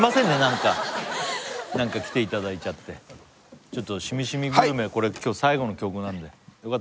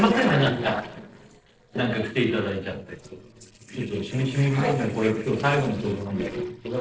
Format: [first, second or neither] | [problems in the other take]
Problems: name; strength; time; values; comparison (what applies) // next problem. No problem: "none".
first | noise reduction (neural separator model SepFormer DNS4)